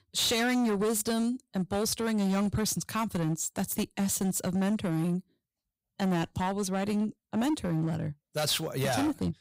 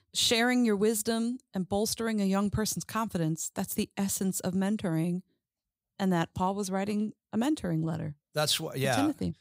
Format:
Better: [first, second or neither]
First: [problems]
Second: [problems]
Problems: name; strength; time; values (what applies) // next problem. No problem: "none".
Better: second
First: distortion; slight; 16% of the sound clipped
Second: none